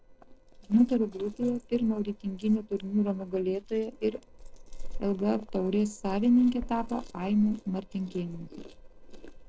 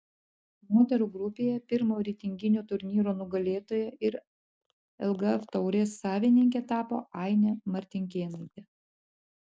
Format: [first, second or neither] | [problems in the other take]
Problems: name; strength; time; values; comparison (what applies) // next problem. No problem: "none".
second | noise reduction (neural separator model SepFormer DNS4)